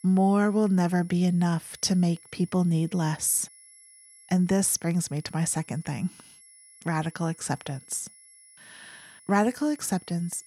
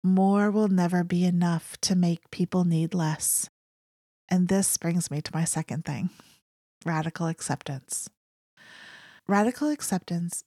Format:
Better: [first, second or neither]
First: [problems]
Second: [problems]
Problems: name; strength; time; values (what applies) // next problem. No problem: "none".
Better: second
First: high-pitched whine; faint; throughout; 10.5 kHz, 25 dB below the speech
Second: none